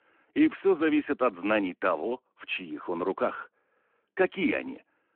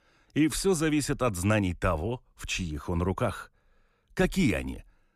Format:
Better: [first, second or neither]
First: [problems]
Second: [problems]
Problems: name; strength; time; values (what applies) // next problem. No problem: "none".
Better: second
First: phone-call audio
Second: none